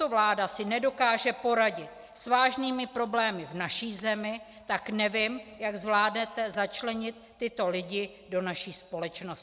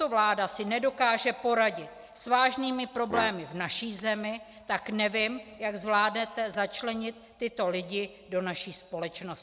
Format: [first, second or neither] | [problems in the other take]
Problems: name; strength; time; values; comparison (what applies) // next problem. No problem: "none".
first | background sound (Brass instrument); 10 dB below the speech